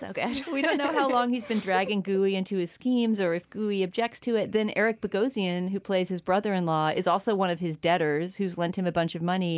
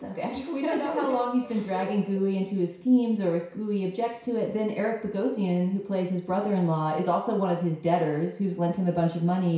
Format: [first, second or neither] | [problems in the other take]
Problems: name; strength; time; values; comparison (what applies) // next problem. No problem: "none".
first | room echo; dies away in 0.6 s